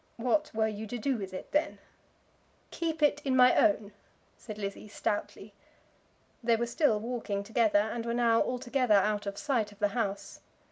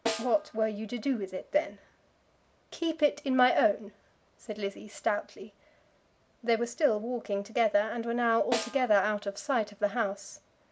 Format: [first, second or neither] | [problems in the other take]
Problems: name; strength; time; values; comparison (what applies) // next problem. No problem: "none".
first | background sound (Snare drum); 9 dB below the speech